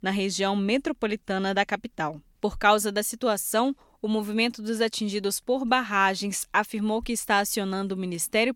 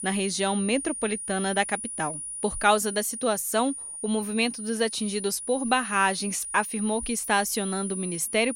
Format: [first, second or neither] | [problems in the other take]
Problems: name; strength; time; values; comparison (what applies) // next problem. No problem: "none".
first | high-pitched whine; loud; throughout; 9.5 kHz, 6 dB below the speech